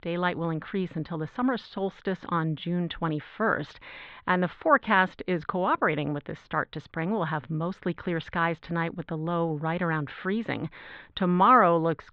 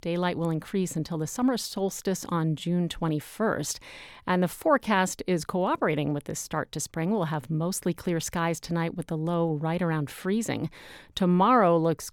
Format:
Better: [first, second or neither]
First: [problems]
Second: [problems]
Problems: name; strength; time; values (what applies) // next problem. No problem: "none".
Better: second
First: muffled; very; fading above 3.5 kHz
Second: none